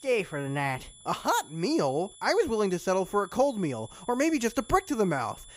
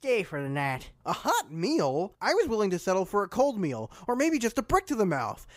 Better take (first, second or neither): second